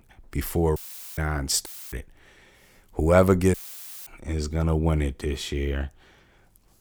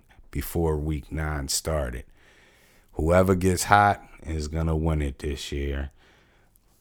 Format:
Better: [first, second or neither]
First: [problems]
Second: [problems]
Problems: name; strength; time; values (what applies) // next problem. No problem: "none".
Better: second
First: audio cutting out; filled with static; at 1 s, at 1.5 s and at 3.5 s for 0.5 s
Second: none